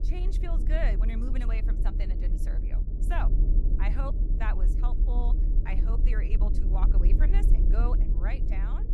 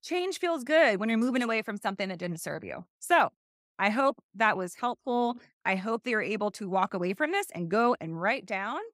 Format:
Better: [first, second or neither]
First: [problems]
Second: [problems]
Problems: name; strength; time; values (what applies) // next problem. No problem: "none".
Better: second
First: low rumble; loud; throughout; 6 dB below the speech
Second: none